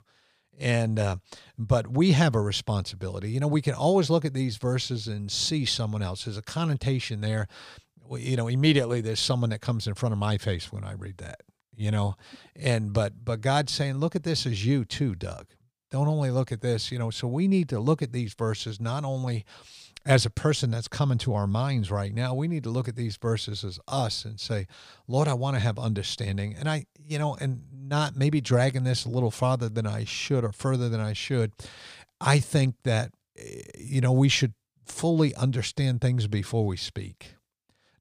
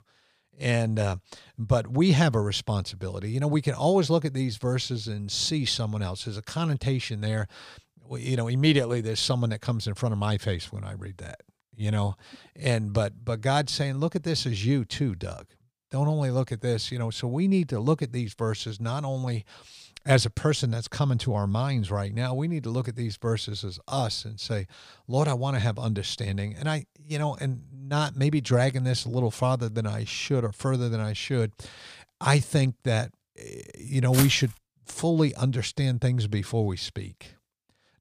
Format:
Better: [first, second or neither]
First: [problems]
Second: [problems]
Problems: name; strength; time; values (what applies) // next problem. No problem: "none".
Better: first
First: none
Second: footsteps; noticeable; at 34 s; peak 2 dB below the speech